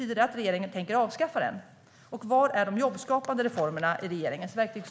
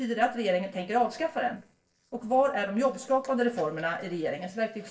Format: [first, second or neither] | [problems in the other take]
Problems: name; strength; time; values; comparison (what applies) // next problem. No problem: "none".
first | noise reduction (neural separator model SepFormer DNS4)